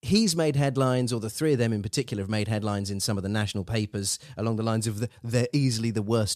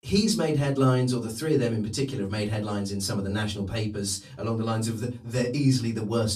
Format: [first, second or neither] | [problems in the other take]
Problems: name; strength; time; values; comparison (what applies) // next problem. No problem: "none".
first | off-mic speech; far // room echo; very slight; dies away in 0.2 s